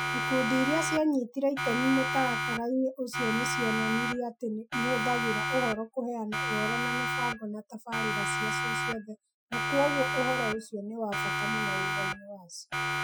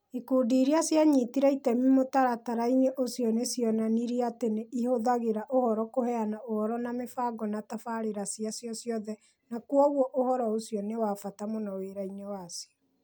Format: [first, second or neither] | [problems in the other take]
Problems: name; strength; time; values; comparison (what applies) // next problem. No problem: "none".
second | noise reduction (classical method Wiener filter)